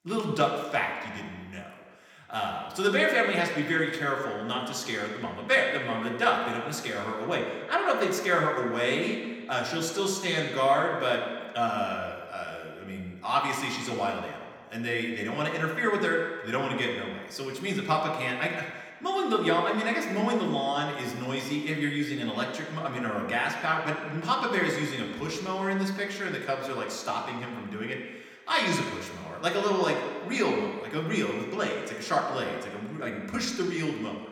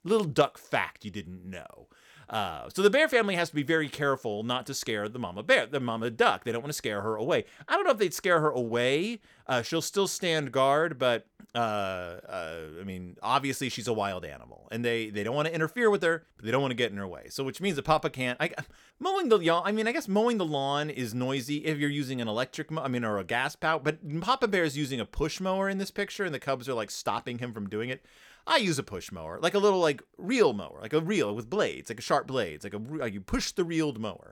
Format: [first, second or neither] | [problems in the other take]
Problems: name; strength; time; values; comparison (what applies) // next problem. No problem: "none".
second | room echo; noticeable; dies away in 1.4 s // off-mic speech; somewhat distant